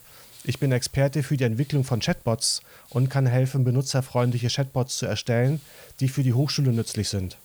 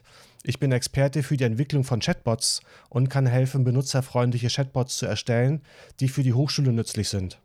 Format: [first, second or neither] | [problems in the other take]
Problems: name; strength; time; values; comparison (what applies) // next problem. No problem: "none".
second | hiss; faint; throughout; 25 dB below the speech